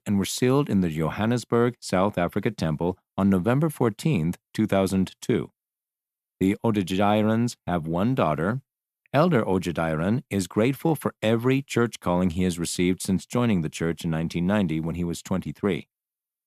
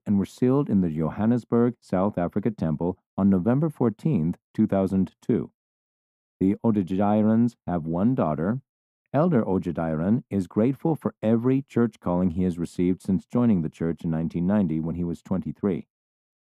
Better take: first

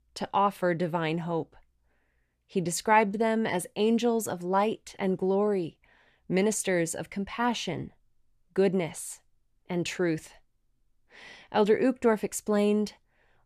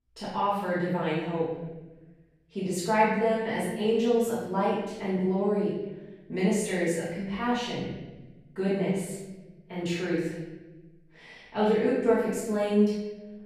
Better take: first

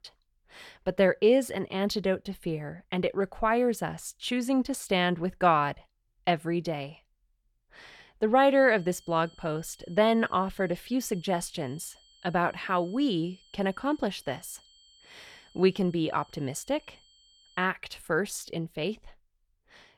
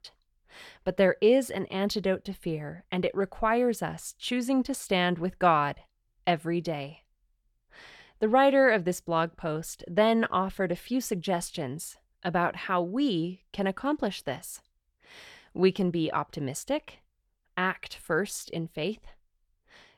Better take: second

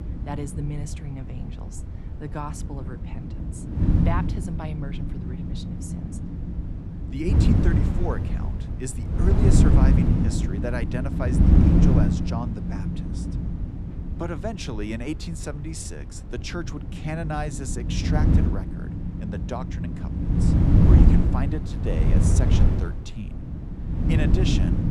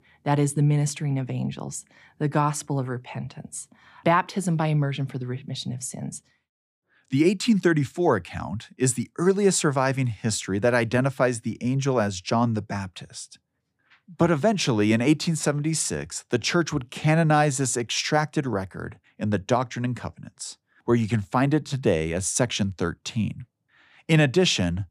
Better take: second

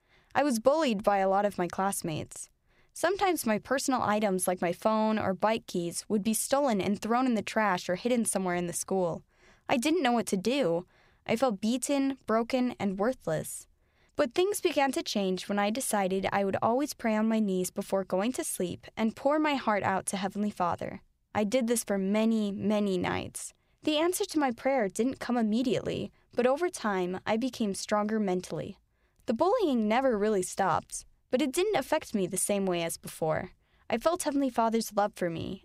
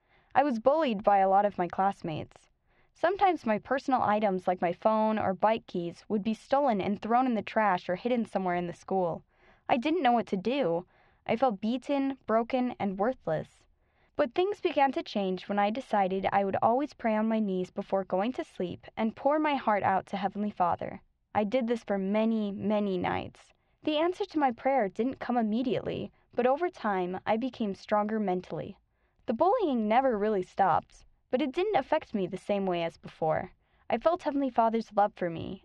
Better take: first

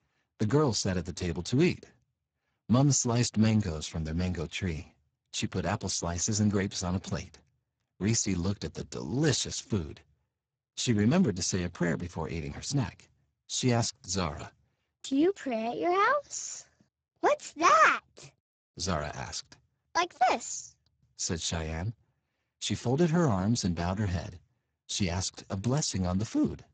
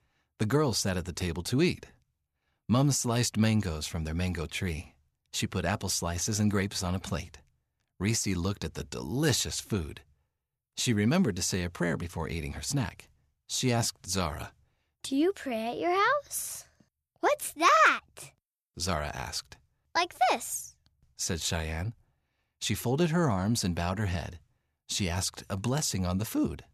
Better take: second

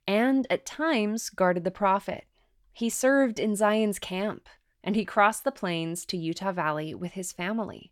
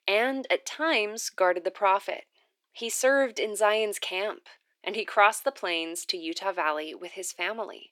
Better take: first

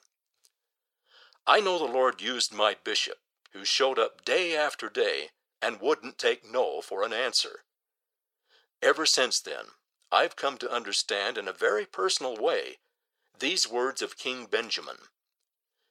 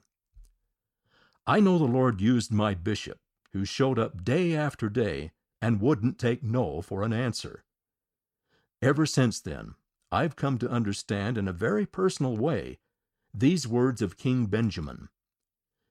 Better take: second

